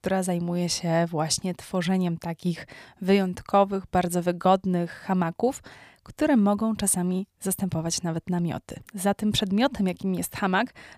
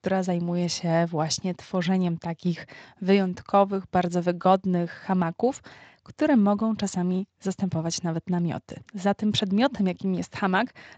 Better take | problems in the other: first | garbled, watery; slightly; nothing above 7.5 kHz

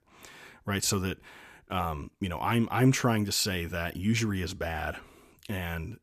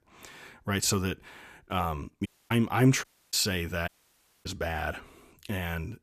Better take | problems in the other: first | audio cutting out; at 2.5 s, at 3 s and at 4 s for 0.5 s

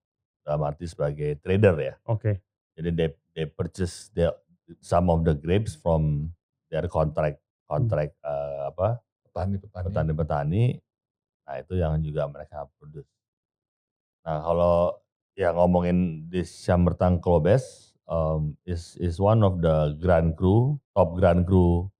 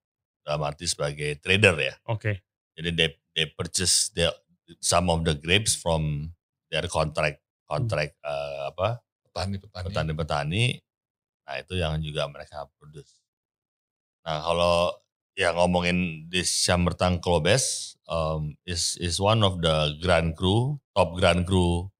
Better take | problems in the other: second | muffled; very; fading above 1.5 kHz

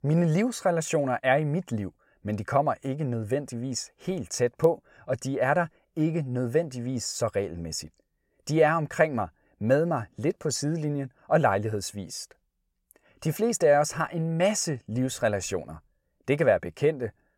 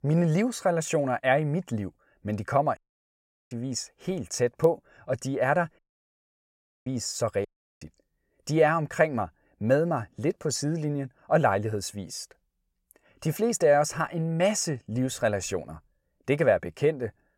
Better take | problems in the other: first | audio cutting out; at 3 s for 0.5 s, at 6 s for 1 s and at 7.5 s

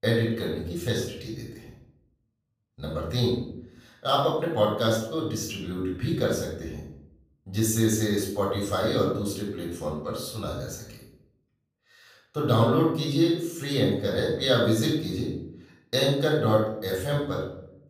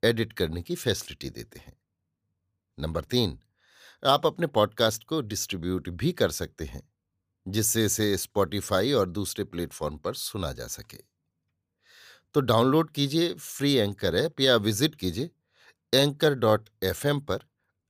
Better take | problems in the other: second | off-mic speech; far // room echo; noticeable; dies away in 0.6 s

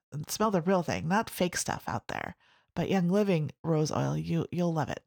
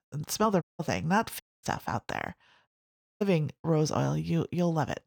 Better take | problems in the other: first | audio cutting out; at 0.5 s, at 1.5 s and at 2.5 s for 0.5 s

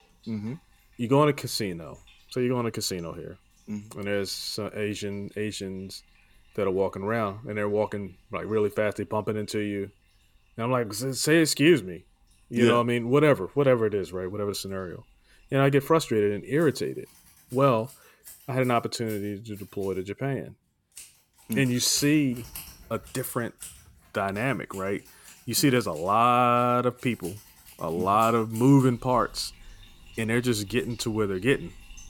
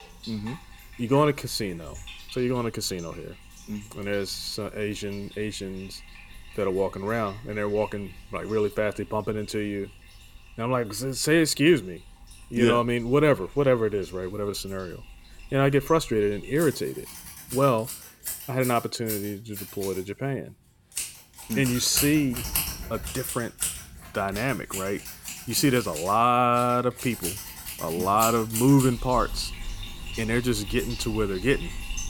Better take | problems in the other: first | household noises; loud; throughout; 9 dB below the speech; faint in the first

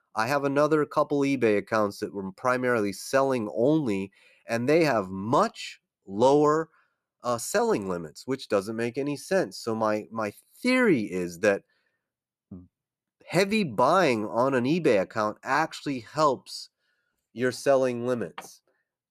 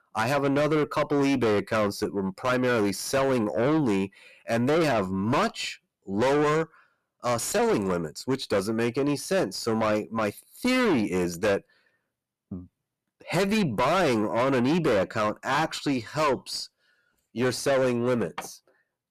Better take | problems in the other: first | distortion; heavy; 6 dB below the speech

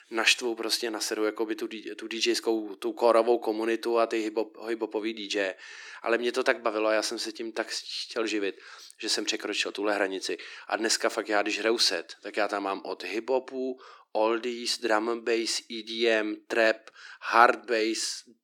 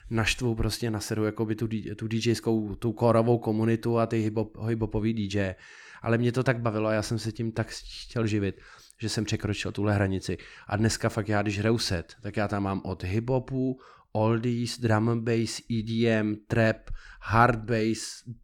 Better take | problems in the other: second | thin; very; fading below 300 Hz

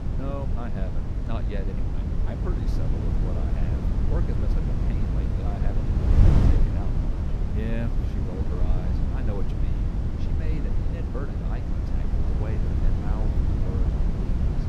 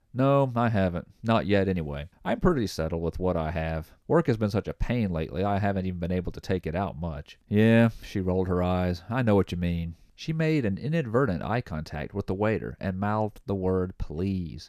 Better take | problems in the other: second | wind noise on the microphone; heavy; 3 dB above the speech

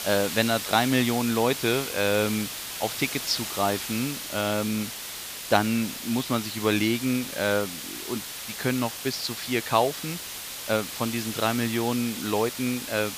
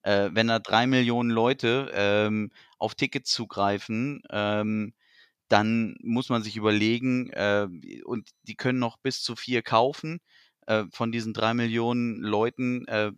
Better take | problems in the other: second | hiss; loud; throughout; 6 dB below the speech

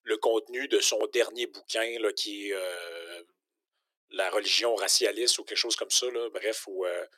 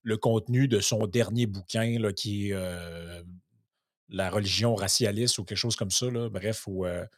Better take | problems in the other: second | thin; very; fading below 300 Hz

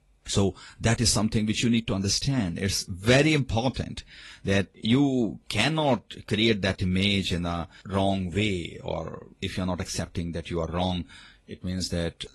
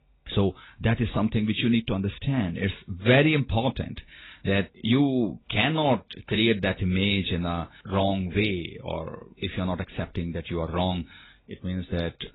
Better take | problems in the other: first | garbled, watery; badly; nothing above 4 kHz; slightly in the first

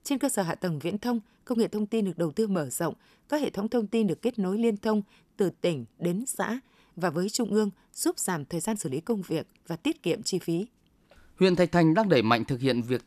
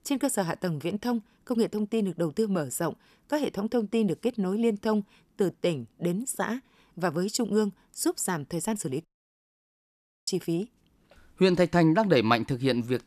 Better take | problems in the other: first | audio cutting out; at 9 s for 1 s

